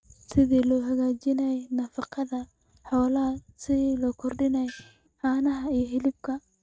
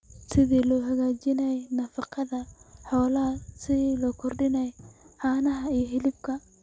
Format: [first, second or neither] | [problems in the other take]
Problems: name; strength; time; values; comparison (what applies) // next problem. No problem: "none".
second | noise reduction (neural mask model RNNoise)